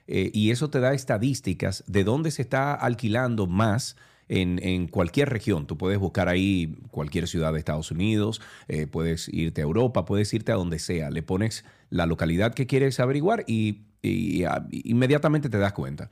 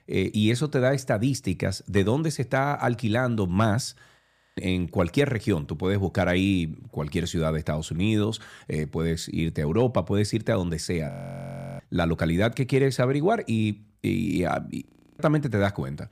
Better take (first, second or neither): first